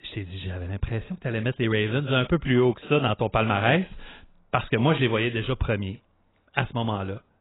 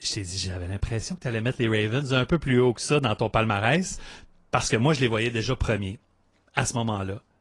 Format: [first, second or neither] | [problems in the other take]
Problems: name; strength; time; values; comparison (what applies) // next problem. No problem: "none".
second | garbled, watery; badly; nothing above 4 kHz; slightly in the second